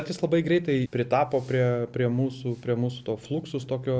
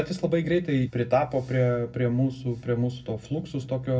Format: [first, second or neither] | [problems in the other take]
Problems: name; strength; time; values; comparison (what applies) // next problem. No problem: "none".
first | room echo; dies away in 0.4 s